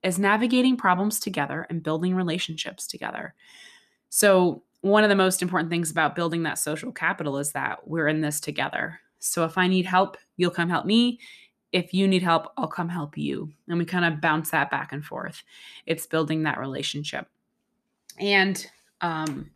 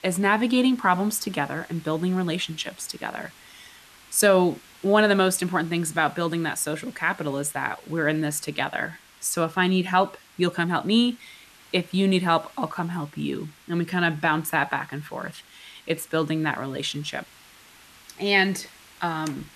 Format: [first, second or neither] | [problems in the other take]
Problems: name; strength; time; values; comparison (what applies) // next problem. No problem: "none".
first | hiss; faint; throughout; 25 dB below the speech